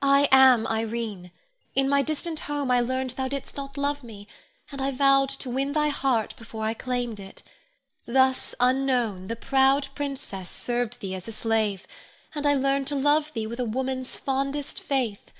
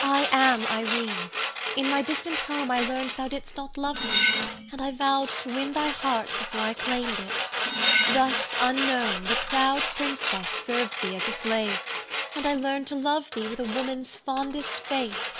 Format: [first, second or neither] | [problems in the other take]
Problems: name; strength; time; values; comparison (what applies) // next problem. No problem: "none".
first | background sound (Sawing + Cutlery, silverware); 1 dB below the speech